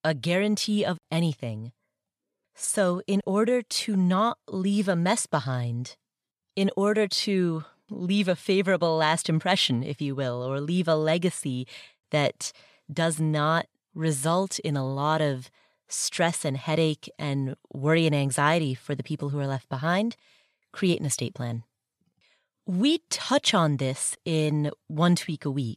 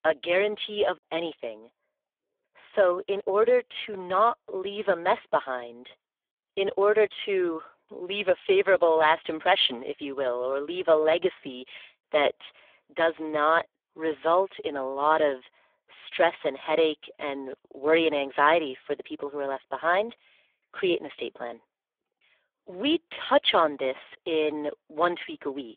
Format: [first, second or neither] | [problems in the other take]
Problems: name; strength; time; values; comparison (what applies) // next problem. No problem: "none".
first | phone-call audio; poor line; nothing above 3.5 kHz